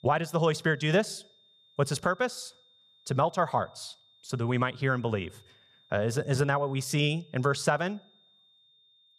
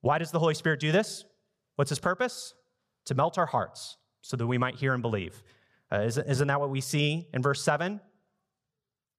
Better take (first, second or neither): second